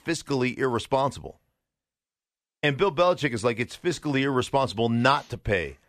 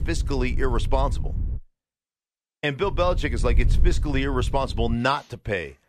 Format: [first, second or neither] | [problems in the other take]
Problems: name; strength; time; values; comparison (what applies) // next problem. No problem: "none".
first | wind noise on the microphone; faint; until 1.5 s and from 3 to 5 s; 20 dB below the speech